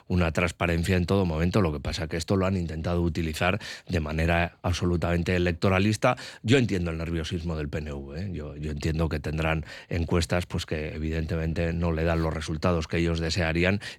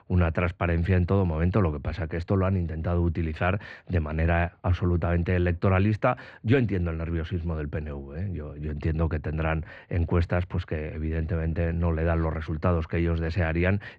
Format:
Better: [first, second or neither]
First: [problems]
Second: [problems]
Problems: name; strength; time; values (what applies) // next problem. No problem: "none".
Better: first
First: none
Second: muffled; very; fading above 1.5 kHz